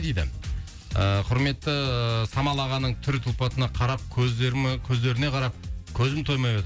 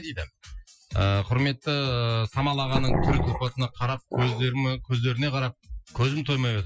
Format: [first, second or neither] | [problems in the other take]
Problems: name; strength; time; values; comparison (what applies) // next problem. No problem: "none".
first | noise reduction (classical method Wiener filter)